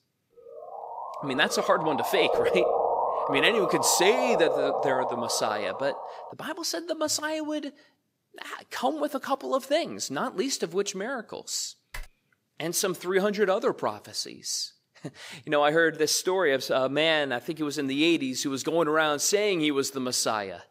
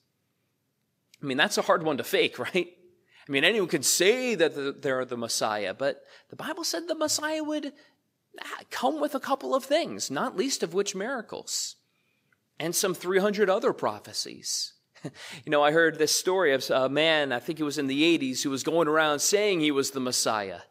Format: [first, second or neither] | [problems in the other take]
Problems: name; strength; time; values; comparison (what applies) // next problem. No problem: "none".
second | siren; loud; from 0.5 to 6.5 s; peak 2 dB above the speech // keyboard typing; faint; at 12 s; peak 15 dB below the speech